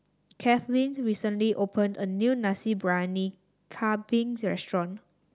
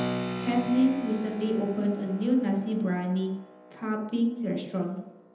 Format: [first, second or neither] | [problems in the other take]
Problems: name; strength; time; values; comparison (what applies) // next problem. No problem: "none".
first | background sound (Keyboard (musical)); 10 dB below the speech // room echo; dies away in 0.9 s